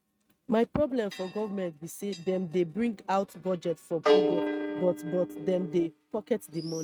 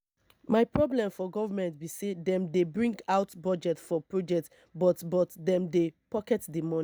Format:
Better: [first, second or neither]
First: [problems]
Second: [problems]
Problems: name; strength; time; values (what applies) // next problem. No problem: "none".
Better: second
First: noise reduction (neural mask model RNNoise)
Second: none